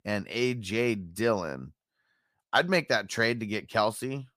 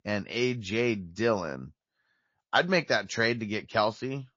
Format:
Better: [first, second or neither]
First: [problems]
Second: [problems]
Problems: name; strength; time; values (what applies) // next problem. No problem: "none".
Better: first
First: none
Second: garbled, watery; slightly; nothing above 6.5 kHz